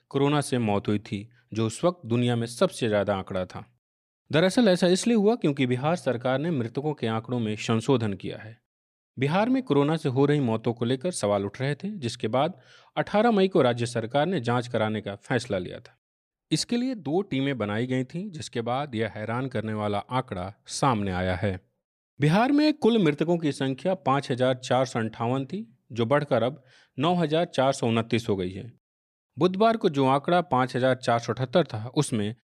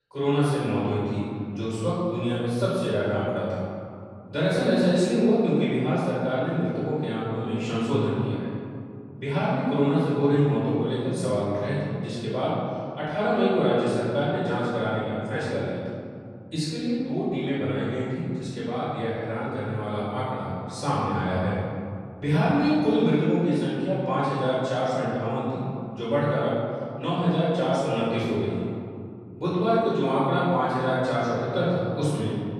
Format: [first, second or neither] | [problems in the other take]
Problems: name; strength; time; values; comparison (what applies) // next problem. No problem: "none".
first | off-mic speech; far // room echo; strong; dies away in 2.5 s